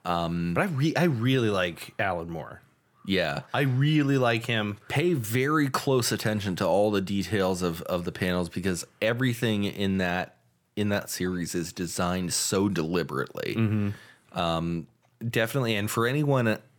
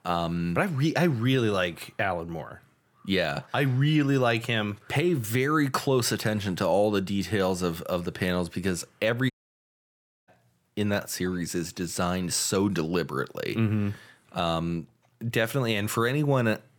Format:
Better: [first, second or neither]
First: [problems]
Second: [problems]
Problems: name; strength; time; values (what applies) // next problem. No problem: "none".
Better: first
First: none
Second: audio cutting out; at 9.5 s for 1 s